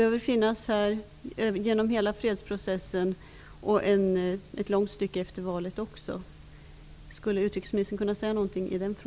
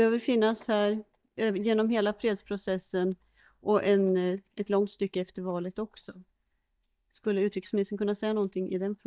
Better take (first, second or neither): first